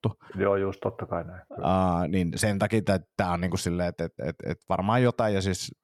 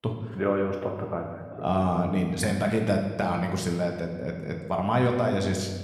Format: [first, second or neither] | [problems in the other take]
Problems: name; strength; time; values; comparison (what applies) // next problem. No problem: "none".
first | room echo; slight; dies away in 1.1 s